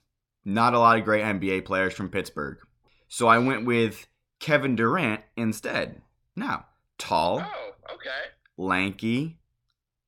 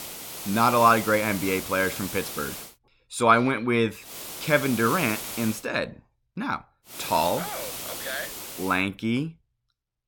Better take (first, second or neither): first